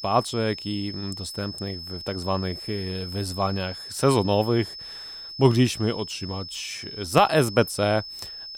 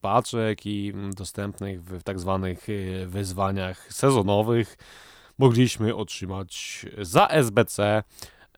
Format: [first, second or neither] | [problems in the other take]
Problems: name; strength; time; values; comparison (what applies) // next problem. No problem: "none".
second | high-pitched whine; noticeable; throughout; 5 kHz, 10 dB below the speech